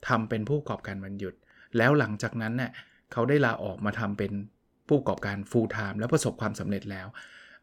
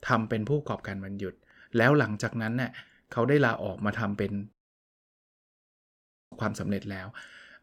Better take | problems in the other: first | audio cutting out; at 4.5 s for 2 s

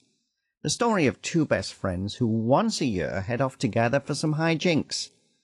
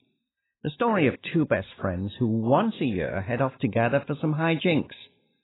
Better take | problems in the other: first | garbled, watery; badly; nothing above 4 kHz; slightly in the first

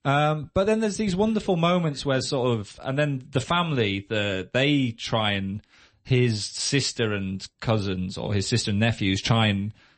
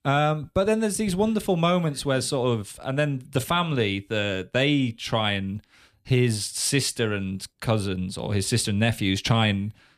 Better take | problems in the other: second | garbled, watery; slightly; nothing above 8 kHz

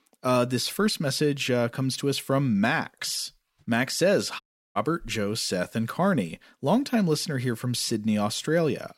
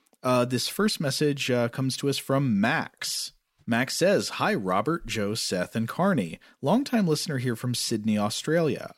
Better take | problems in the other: second | audio cutting out; at 4.5 s

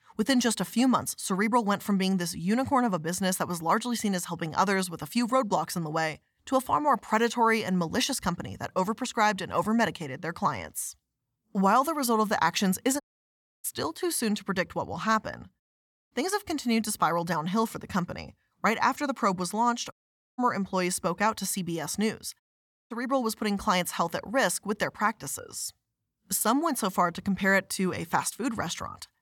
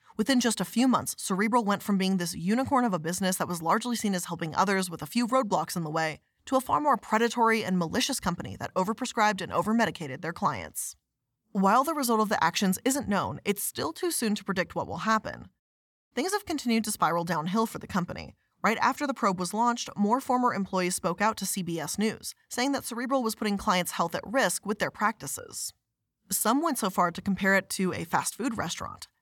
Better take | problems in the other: second | audio cutting out; at 13 s for 0.5 s, at 20 s and at 22 s for 0.5 s

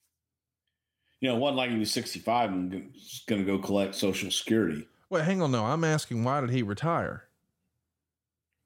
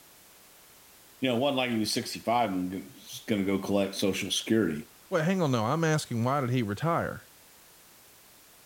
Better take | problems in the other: first | hiss; faint; throughout; 25 dB below the speech

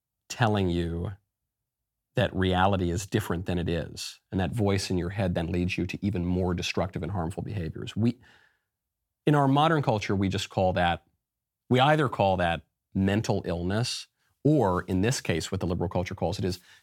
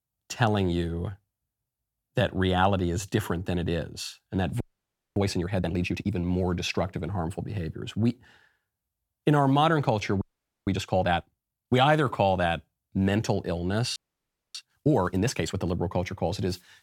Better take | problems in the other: first | audio freezing; at 4.5 s for 0.5 s, at 10 s and at 14 s for 0.5 s

